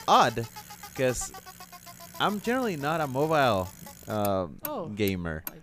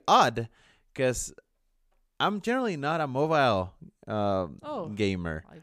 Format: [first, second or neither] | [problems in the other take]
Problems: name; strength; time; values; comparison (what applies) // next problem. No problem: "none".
second | traffic noise; noticeable; throughout; 15 dB below the speech